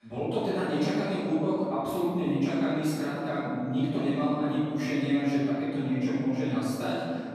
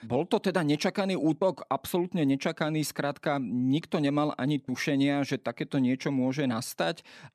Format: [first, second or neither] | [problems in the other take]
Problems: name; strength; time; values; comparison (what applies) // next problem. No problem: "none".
second | off-mic speech; far // room echo; strong; dies away in 2.6 s